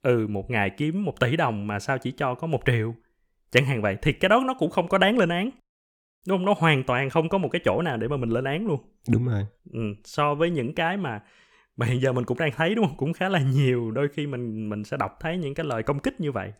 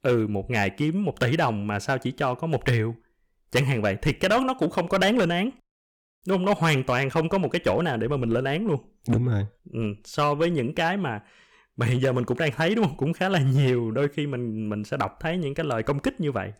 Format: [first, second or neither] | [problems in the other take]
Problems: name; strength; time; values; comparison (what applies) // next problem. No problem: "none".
first | distortion; slight; 4% of the sound clipped